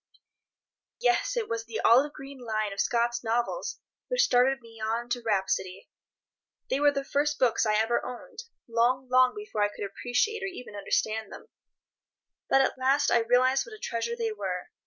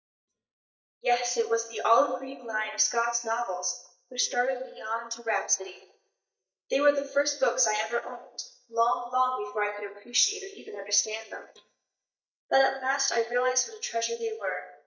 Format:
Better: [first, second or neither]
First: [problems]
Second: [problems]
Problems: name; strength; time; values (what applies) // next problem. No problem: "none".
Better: first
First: none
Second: noise reduction (neural mask model DeepFilterNet 3)